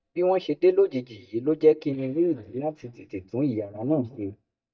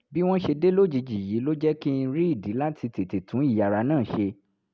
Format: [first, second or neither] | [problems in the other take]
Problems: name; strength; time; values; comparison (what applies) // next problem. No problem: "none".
second | noise reduction (neural mask model DeepFilterNet 3)